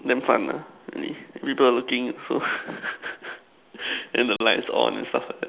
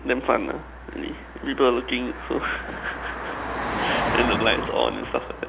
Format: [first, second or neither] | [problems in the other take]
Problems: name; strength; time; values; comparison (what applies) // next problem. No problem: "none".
first | background sound (Car passing by); 4 dB below the speech